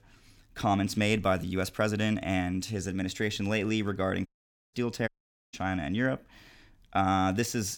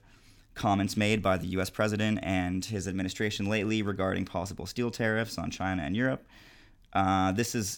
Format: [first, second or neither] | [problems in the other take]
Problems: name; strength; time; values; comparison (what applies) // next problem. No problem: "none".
second | audio cutting out; at 4.5 s and at 5 s